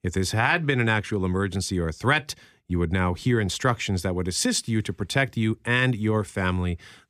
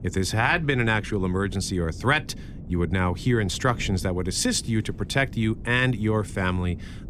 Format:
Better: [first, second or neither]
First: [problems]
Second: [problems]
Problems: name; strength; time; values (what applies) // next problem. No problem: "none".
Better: first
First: none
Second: wind noise on the microphone; occasional gusts; 25 dB below the speech